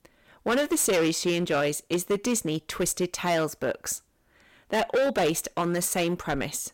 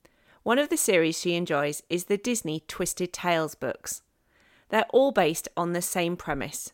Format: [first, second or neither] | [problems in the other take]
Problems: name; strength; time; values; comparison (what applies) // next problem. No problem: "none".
second | distortion; heavy; 10% of the sound clipped